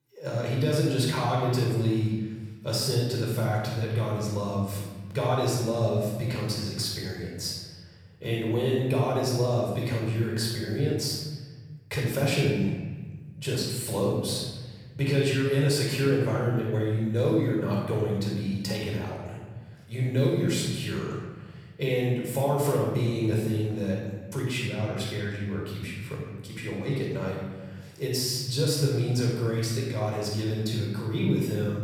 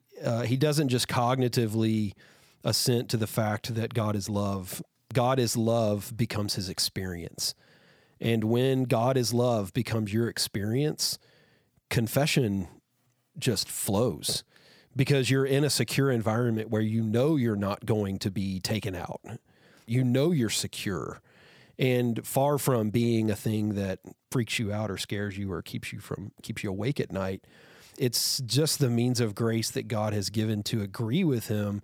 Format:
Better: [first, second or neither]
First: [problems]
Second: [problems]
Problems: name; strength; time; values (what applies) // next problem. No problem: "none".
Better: second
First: off-mic speech; far // room echo; noticeable; dies away in 1.4 s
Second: none